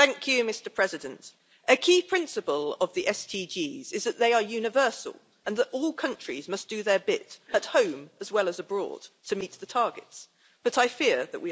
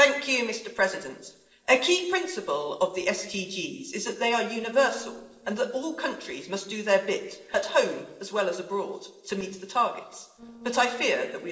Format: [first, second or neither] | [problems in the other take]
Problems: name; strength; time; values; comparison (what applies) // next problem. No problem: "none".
first | noise reduction (neural separator model SepFormer DNS4)